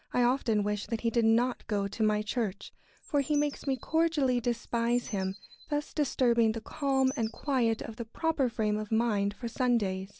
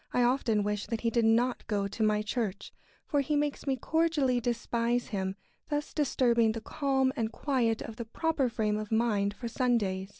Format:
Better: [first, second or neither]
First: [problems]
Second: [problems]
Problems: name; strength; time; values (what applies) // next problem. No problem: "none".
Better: second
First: background sound (Bird); 20 dB below the speech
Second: none